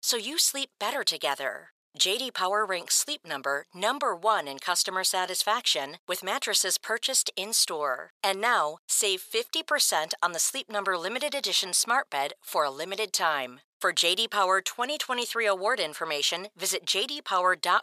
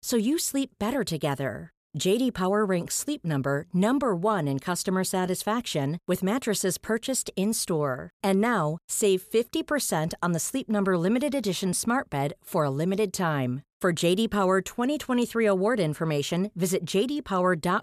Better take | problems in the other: second | thin; very; fading below 800 Hz

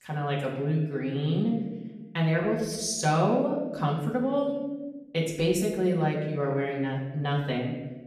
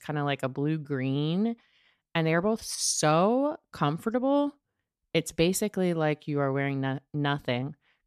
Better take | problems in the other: second | off-mic speech; far // room echo; noticeable; dies away in 1.1 s

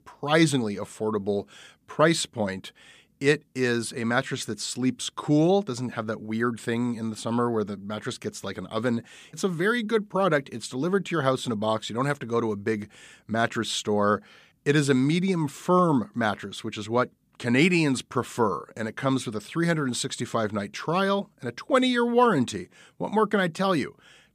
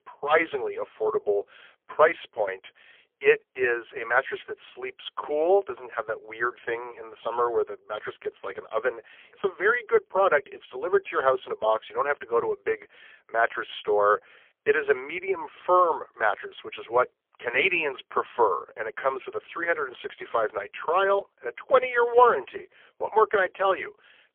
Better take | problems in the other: first | phone-call audio; poor line; nothing above 3.5 kHz

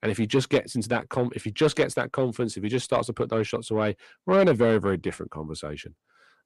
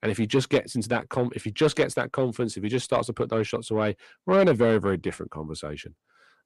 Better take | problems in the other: neither | distortion; slight; 10 dB below the speech; the same in both

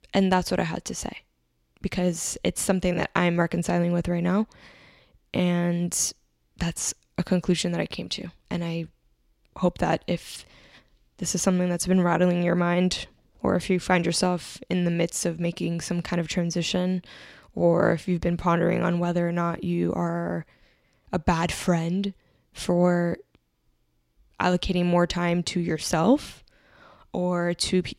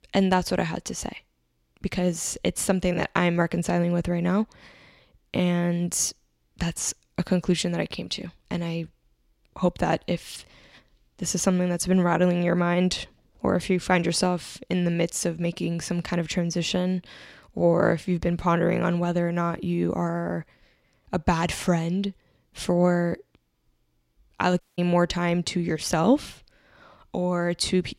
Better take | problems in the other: first | audio cutting out; at 25 s

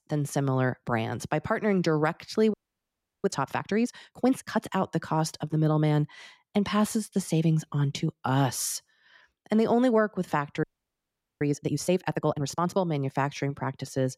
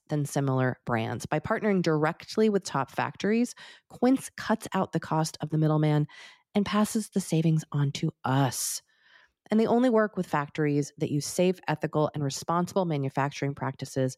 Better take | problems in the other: second | audio freezing; at 2.5 s for 0.5 s and at 11 s for 1 s

